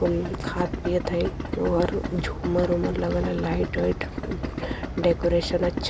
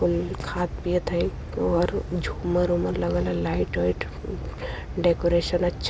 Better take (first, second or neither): second